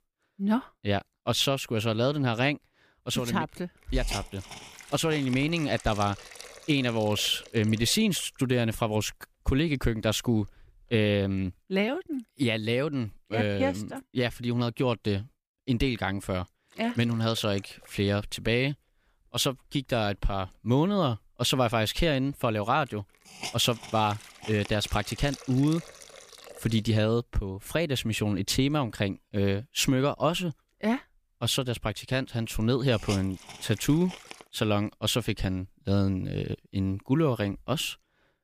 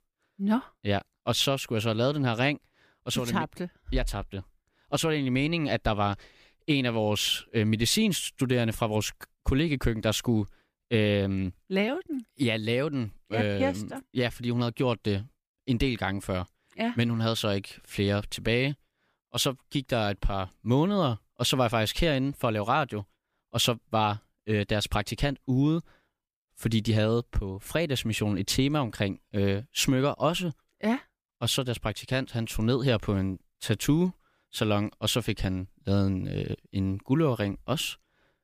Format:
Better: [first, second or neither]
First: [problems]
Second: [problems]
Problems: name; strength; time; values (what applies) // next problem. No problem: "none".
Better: second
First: hiss; noticeable; from 3 to 11 s, from 17 to 27 s and from 30 to 34 s; 15 dB below the speech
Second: none